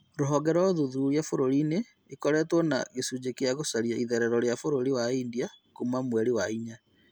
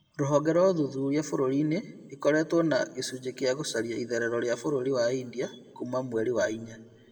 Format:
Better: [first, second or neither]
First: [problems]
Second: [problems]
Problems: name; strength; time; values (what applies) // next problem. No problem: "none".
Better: first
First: none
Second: room echo; dies away in 0.7 s